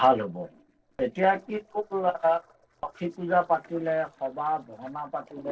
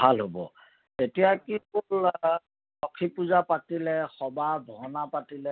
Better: second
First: noise reduction (neural separator model SepFormer DNS4)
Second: none

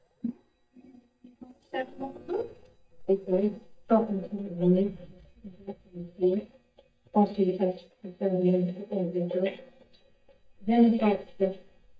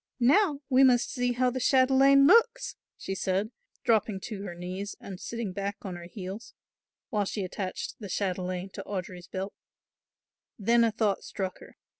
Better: second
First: noise reduction (neural mask model DeepFilterNet 3)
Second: none

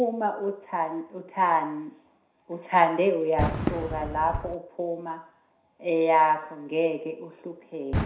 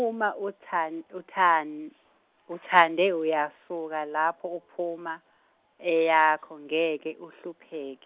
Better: second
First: background sound (Fireworks); 9 dB below the speech // room echo; dies away in 0.5 s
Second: none

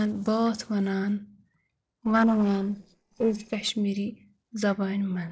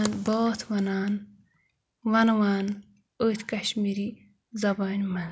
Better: second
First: noise reduction (neural separator model SepFormer DNS4)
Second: none

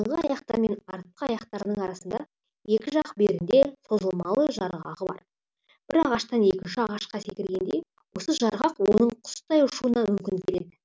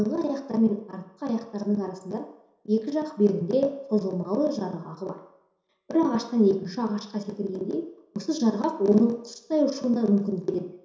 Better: first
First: none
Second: room echo; dies away in 0.7 s

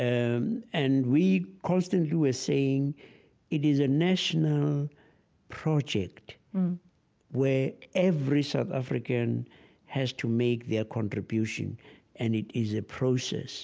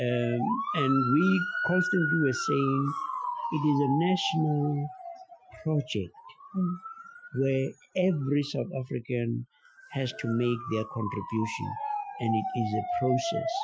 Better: first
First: none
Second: noise reduction (classical method Wiener filter)

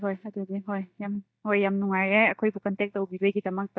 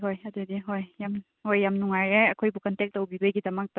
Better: second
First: noise reduction (neural mask model DeepFilterNet 3)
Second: none

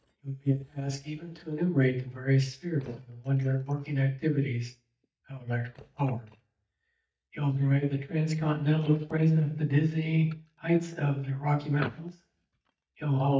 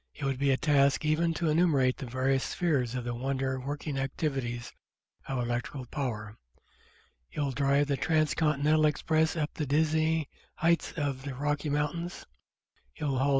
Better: second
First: noise reduction (neural mask model DeepFilterNet 3)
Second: none

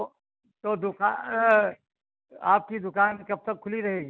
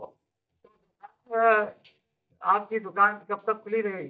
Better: first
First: none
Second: noise reduction (neural mask model DeepFilterNet 3)

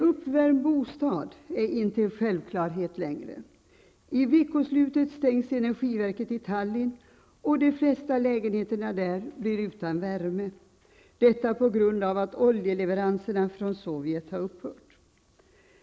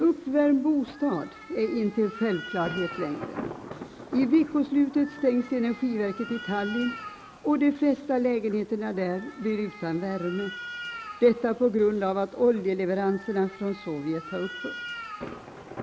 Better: first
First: none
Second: background sound (Thunder + Cat); 14 dB below the speech

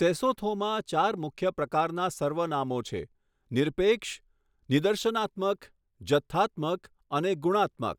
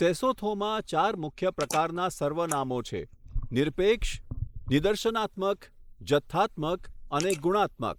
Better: first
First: none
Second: noise reduction (neural mask model Resemble Enhance denoiser)

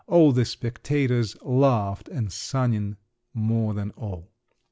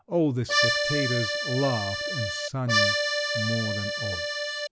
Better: first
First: none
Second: background sound (Accordion); 3 dB above the speech

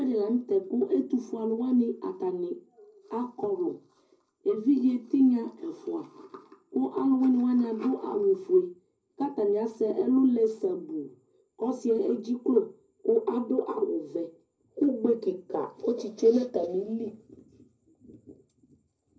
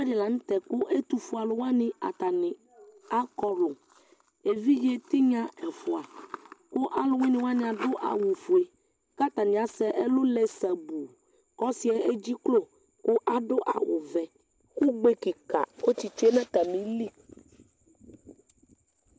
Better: second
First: room echo; dies away in 0.4 s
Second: none

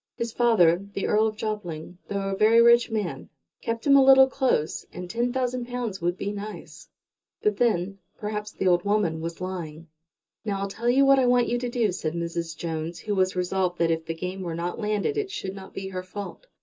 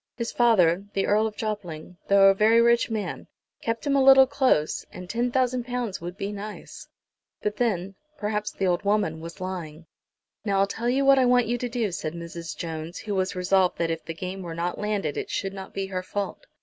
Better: second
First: room echo; dies away in 0.2 s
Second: none

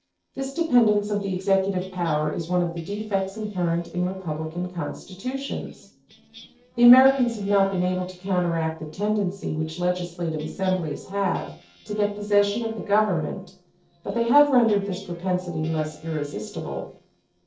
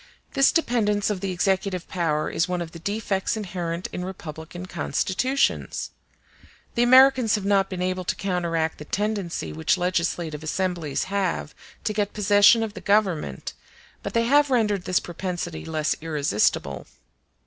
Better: second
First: noise reduction (neural separator model SepFormer DNS4)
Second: none

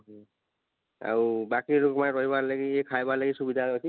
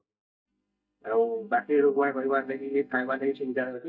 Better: first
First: none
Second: noise reduction (neural mask model DeepFilterNet 3)

